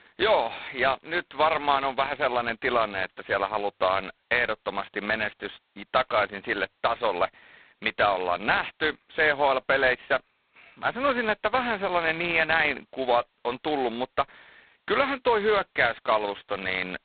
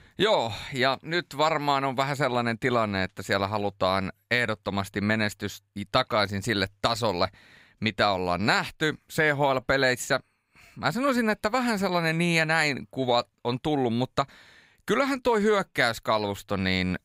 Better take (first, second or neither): second